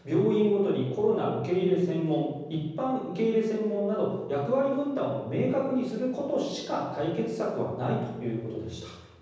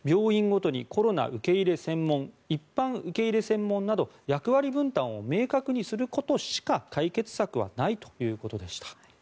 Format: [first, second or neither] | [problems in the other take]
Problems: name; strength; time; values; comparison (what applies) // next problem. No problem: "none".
second | room echo; dies away in 1.1 s